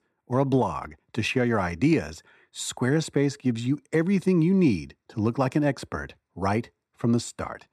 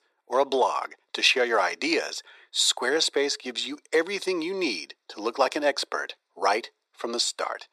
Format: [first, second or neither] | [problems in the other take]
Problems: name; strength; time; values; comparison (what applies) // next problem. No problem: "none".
first | thin; very; fading below 450 Hz